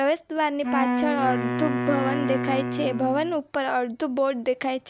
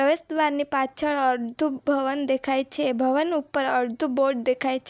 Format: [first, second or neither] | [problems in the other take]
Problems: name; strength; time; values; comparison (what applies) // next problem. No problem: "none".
second | background sound (Wind instrument, woodwind instrument); 2 dB below the speech